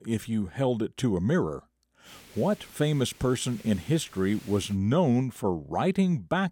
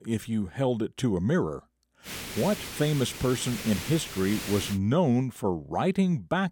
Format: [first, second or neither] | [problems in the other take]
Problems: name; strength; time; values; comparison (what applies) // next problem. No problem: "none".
first | hiss; loud; from 2 to 4.5 s; 9 dB below the speech; faint in the first